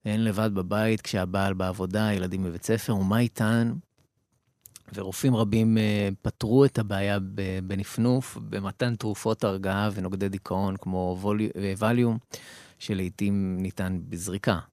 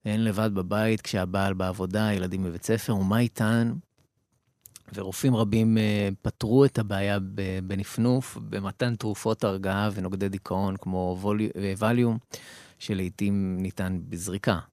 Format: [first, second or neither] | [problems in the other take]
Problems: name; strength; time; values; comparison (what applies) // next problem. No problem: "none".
neither | none